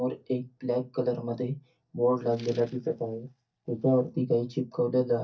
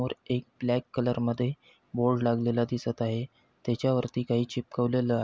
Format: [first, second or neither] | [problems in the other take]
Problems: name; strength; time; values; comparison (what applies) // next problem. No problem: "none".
second | noise reduction (neural mask model DeepFilterNet 3)